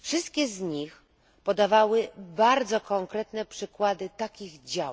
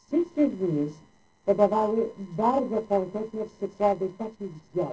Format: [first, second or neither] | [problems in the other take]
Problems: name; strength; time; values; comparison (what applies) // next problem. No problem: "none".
first | noise reduction (neural separator model SepFormer DNS4)